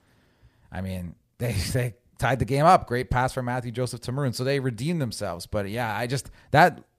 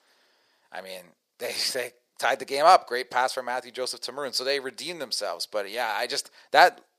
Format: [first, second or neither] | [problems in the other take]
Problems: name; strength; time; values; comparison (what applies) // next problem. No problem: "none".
first | thin; very; fading below 450 Hz